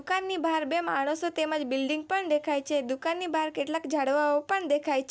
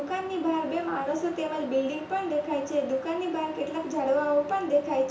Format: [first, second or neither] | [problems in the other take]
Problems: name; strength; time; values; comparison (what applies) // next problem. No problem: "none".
first | background sound (Truck); 16 dB below the speech // room echo; dies away in 0.7 s